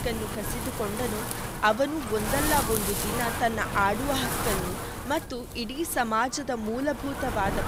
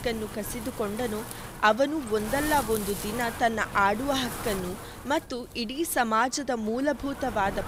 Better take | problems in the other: second | wind noise on the microphone; heavy; 4 dB below the speech; occasional gusts in the second

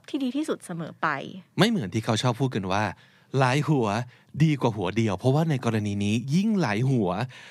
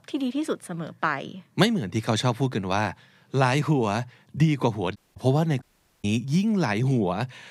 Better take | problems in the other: first | audio cutting out; at 5 s and at 5.5 s

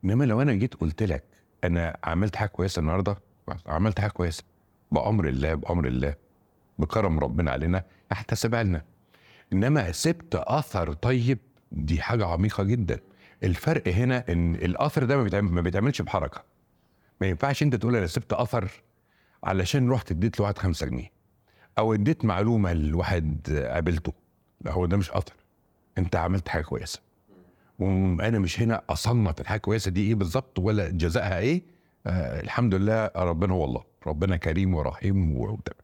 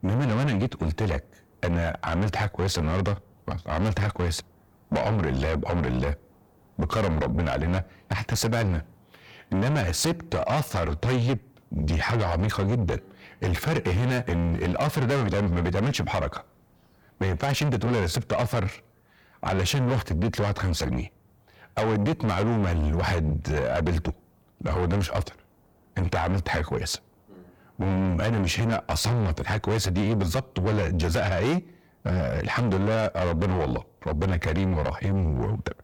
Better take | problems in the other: first | distortion; heavy; 6 dB below the speech

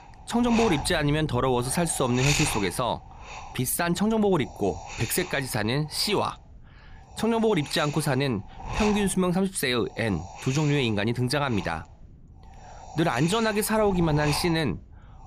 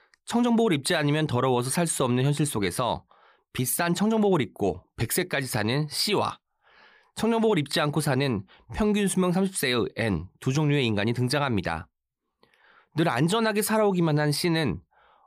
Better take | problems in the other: second | wind noise on the microphone; heavy; 7 dB below the speech

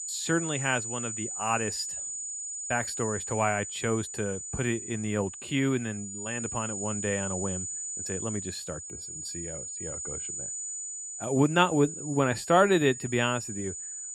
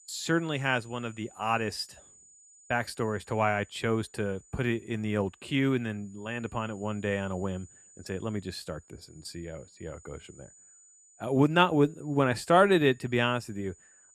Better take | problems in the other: second | high-pitched whine; loud; throughout; 7 kHz, 6 dB below the speech; faint in the second

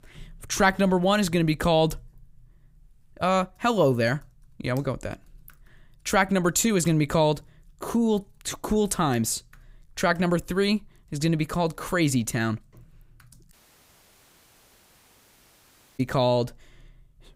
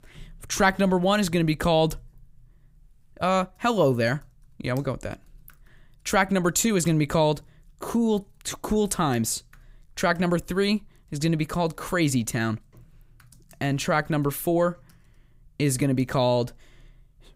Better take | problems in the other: second | audio cutting out; at 14 s for 2.5 s

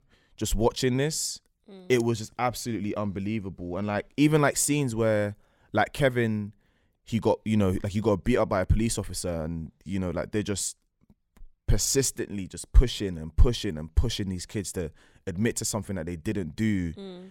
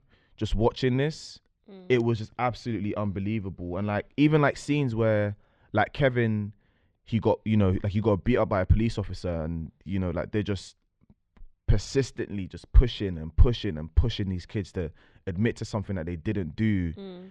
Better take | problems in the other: first | muffled; slightly; fading above 4 kHz

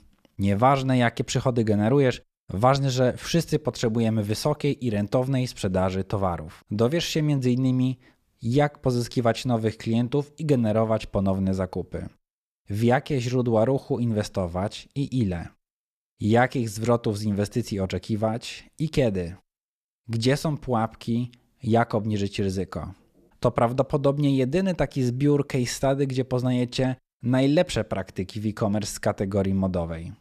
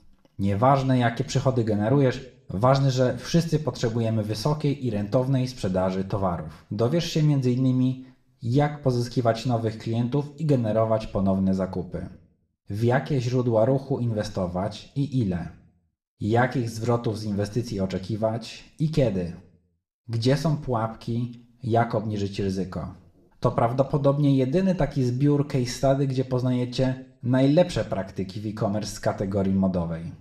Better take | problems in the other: first | room echo; very slight; dies away in 0.4 s

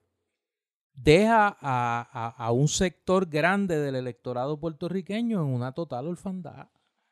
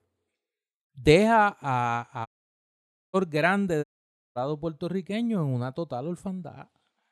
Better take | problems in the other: first | audio cutting out; at 2.5 s for 1 s and at 4 s for 0.5 s

